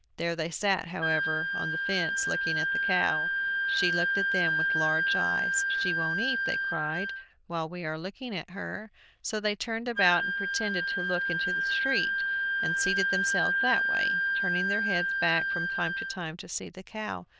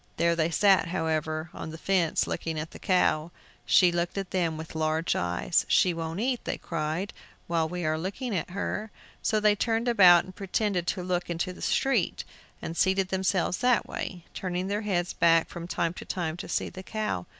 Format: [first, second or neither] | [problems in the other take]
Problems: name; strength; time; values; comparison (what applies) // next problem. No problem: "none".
second | noise reduction (neural diffusion model UNIVERSE++)